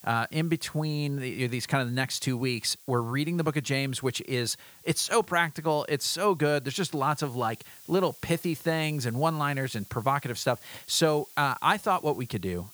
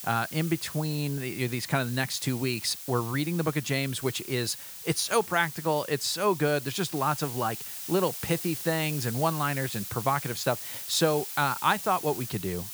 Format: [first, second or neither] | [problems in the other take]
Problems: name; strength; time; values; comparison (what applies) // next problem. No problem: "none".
first | hiss; loud; throughout; 8 dB below the speech; faint in the first